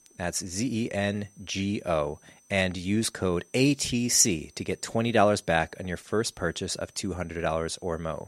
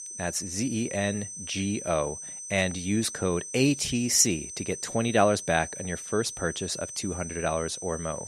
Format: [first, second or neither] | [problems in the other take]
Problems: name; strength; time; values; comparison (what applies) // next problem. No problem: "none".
first | high-pitched whine; loud; throughout; 6 kHz, 9 dB below the speech; faint in the first